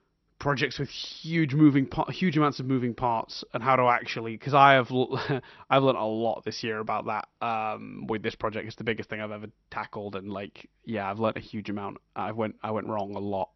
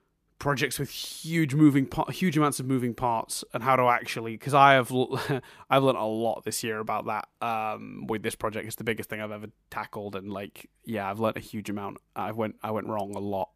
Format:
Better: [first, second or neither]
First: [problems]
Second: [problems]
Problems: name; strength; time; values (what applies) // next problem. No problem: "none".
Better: second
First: garbled, watery; slightly; nothing above 6 kHz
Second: none